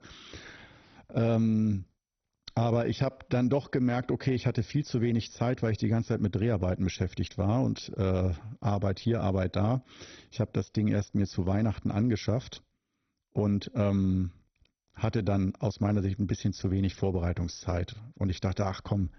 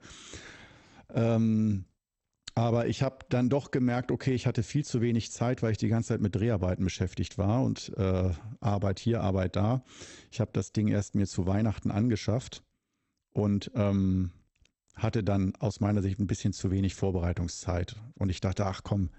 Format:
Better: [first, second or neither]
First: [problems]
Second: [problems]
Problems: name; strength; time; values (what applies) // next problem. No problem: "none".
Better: second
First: garbled, watery; badly; nothing above 6 kHz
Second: garbled, watery; slightly; nothing above 8 kHz